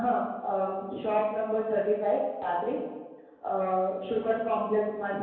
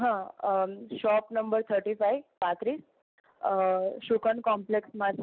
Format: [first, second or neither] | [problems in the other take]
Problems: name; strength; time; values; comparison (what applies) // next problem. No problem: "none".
second | room echo; dies away in 1.2 s